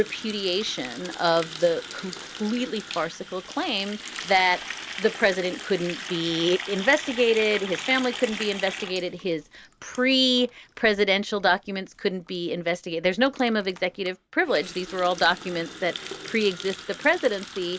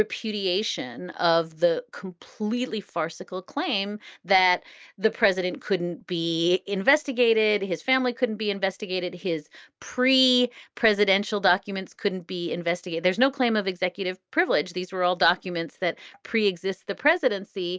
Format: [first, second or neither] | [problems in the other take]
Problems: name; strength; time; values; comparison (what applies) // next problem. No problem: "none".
second | background sound (Water tap, faucet); 13 dB below the speech